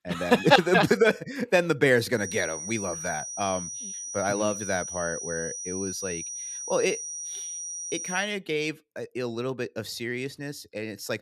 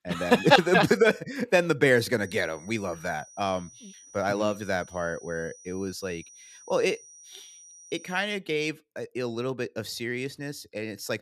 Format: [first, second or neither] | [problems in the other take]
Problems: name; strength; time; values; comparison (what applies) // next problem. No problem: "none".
second | high-pitched whine; loud; from 2 to 8 s; 6 kHz, 6 dB below the speech; faint in the second